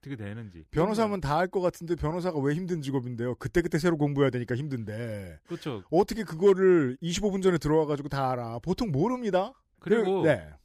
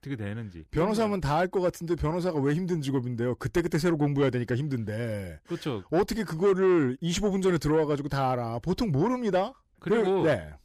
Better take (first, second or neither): first